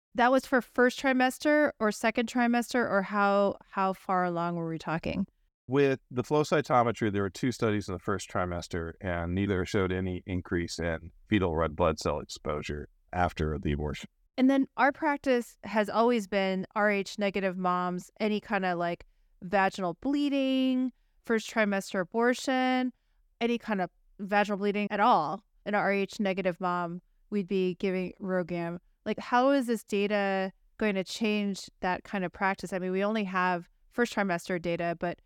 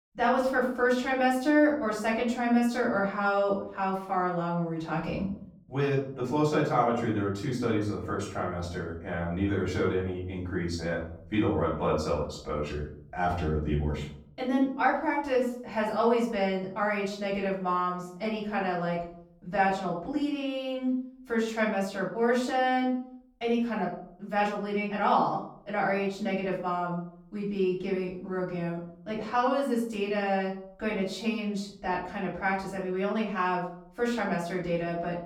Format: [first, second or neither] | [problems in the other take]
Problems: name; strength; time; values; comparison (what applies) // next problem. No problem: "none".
first | off-mic speech; far // room echo; noticeable; dies away in 0.5 s